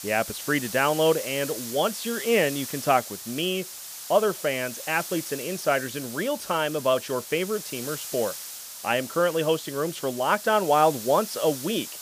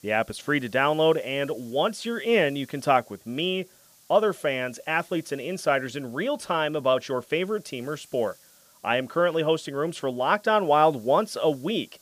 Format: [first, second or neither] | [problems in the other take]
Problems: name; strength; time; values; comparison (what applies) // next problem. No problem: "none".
second | hiss; loud; throughout; 9 dB below the speech; faint in the second